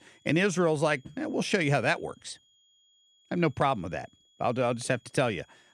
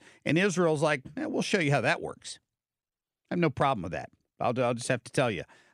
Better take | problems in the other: second | high-pitched whine; faint; throughout; 3.5 kHz, 35 dB below the speech

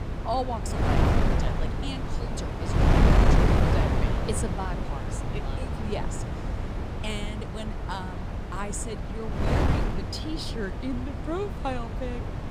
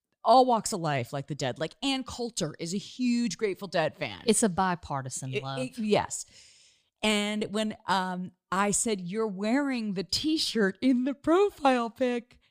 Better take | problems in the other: second | wind noise on the microphone; heavy; 3 dB above the speech

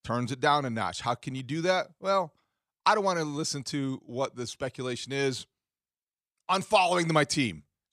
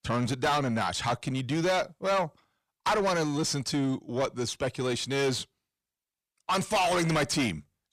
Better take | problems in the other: first | distortion; heavy; 6 dB below the speech

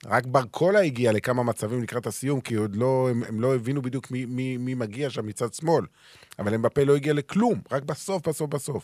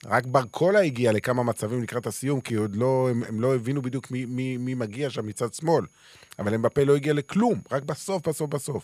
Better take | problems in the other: first | high-pitched whine; faint; throughout; 6.5 kHz, 35 dB below the speech

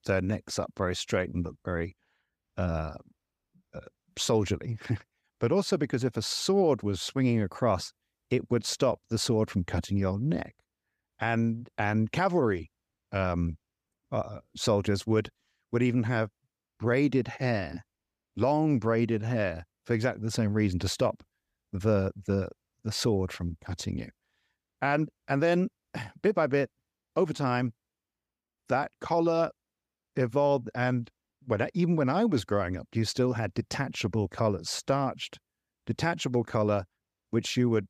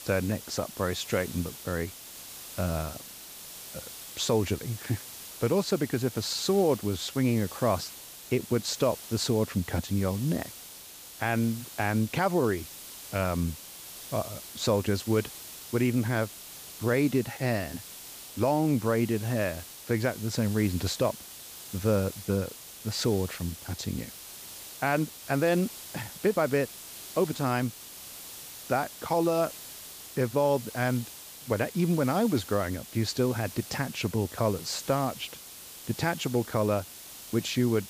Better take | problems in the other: first | hiss; noticeable; throughout; 10 dB below the speech

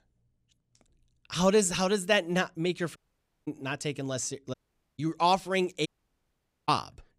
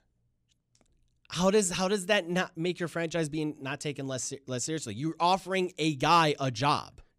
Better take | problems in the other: second | audio cutting out; at 3 s for 0.5 s, at 4.5 s and at 6 s for 1 s

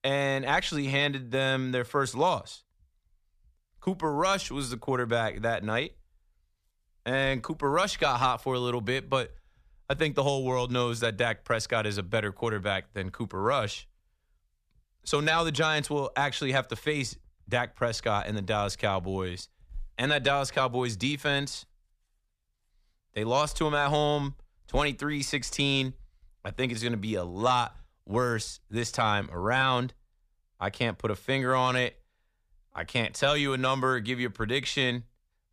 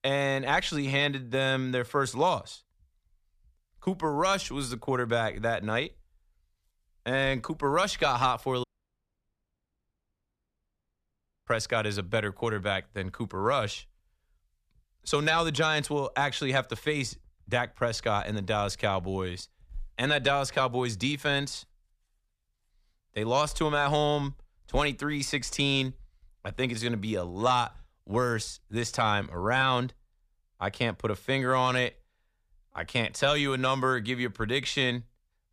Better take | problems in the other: first | audio cutting out; at 8.5 s for 3 s

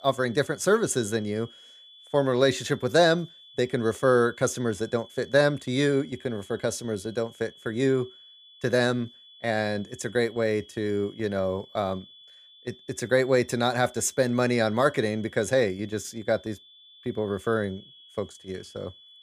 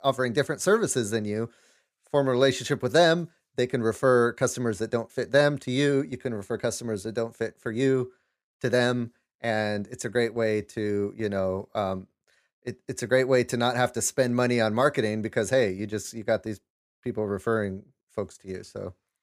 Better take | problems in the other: second | high-pitched whine; faint; throughout; 3.5 kHz, 25 dB below the speech

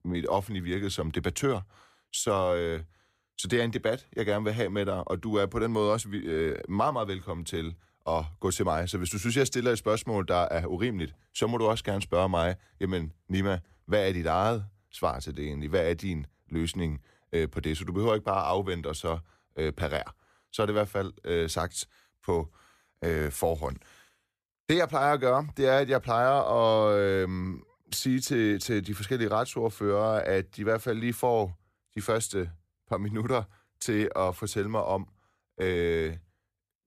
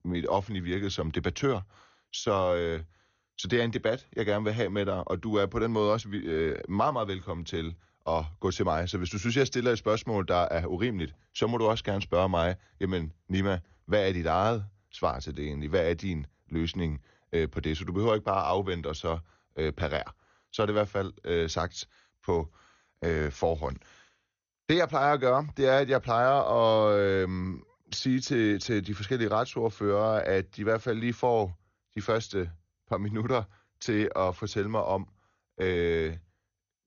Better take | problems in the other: first | garbled, watery; slightly; nothing above 6.5 kHz

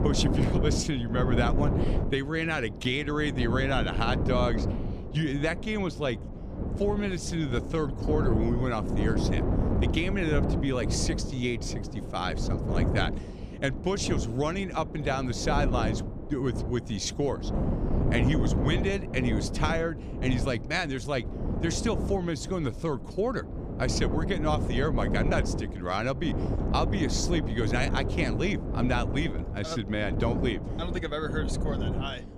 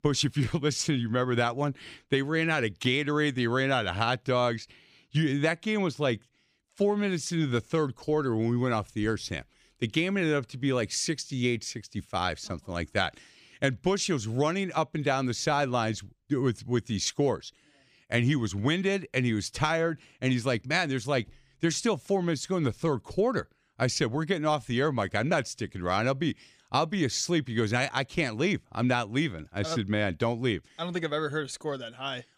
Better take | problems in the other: second | wind noise on the microphone; heavy; 6 dB below the speech

